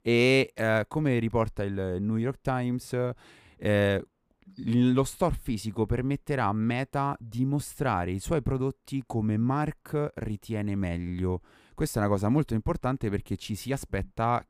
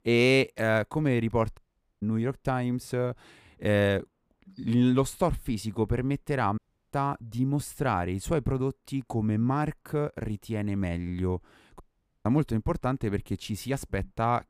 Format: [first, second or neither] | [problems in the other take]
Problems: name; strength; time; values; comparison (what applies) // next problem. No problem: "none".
first | audio cutting out; at 1.5 s, at 6.5 s and at 12 s